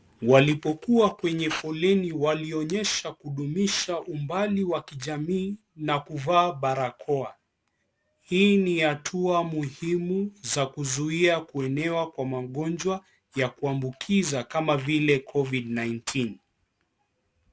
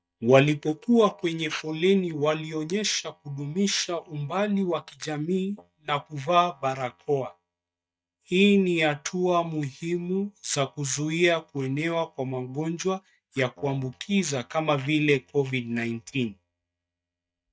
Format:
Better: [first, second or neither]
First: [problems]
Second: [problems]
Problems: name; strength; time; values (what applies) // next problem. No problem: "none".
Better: first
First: none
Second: noise reduction (neural mask model DeepFilterNet 3)